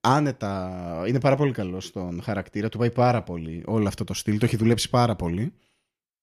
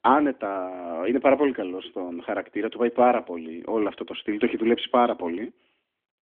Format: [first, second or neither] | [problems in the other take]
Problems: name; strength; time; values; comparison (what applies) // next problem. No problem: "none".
first | phone-call audio; nothing above 3.5 kHz